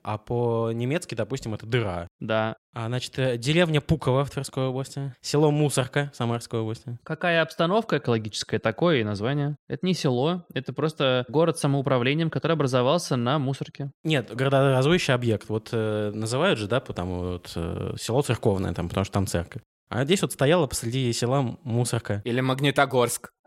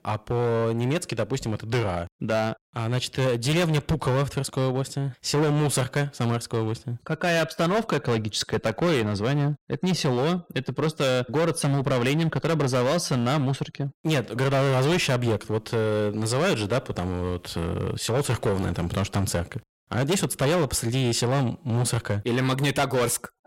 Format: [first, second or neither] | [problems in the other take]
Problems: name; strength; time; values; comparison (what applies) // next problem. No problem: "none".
first | distortion; heavy; 16% of the sound clipped